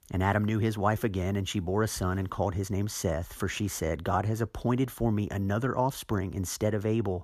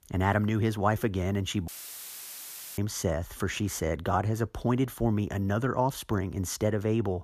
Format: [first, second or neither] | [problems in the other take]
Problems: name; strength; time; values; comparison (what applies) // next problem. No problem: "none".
first | audio cutting out; filled with static; at 1.5 s for 1 s